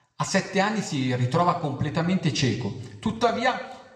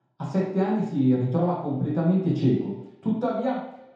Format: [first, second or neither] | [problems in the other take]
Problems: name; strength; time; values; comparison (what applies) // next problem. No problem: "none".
first | room echo; strong; dies away in 0.8 s; slight in the first // off-mic speech; far